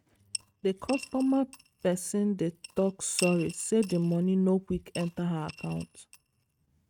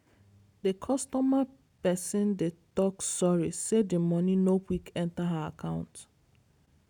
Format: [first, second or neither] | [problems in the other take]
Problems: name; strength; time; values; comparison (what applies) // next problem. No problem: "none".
second | noise reduction (neural mask model RNNoise)